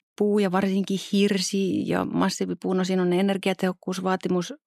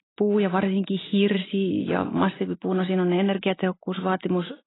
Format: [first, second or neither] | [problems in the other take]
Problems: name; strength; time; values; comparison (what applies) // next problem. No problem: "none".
first | garbled, watery; badly; nothing above 4 kHz